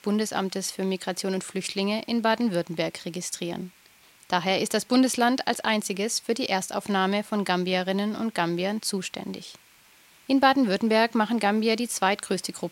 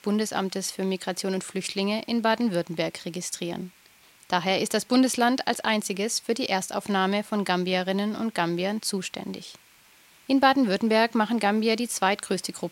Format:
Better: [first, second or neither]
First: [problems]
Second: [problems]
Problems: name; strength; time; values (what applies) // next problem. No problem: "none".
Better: neither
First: hiss; faint; throughout; 30 dB below the speech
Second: hiss; faint; throughout; 30 dB below the speech